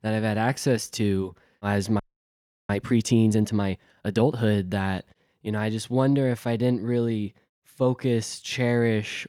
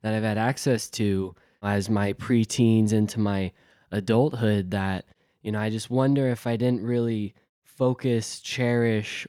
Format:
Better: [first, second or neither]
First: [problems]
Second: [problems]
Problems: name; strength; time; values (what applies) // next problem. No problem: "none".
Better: second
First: audio freezing; at 2 s for 0.5 s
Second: none